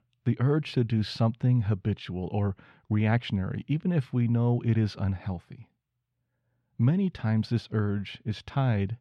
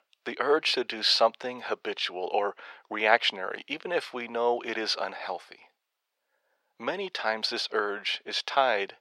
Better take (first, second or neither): first